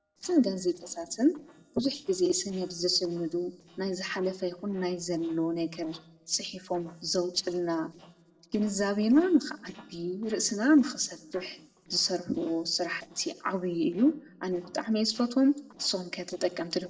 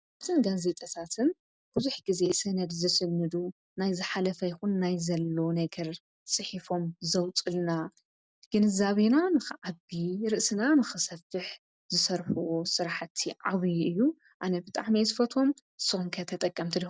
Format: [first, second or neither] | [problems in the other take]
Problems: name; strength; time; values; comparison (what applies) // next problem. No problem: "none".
second | noise reduction (neural separator model SepFormer DNS4)